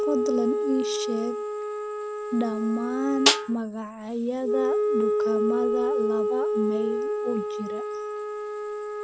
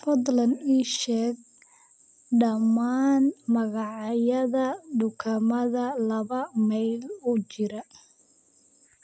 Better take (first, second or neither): second